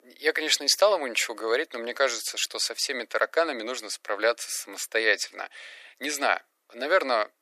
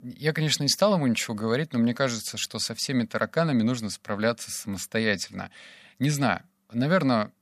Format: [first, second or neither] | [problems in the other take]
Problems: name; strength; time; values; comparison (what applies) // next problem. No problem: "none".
second | thin; very; fading below 300 Hz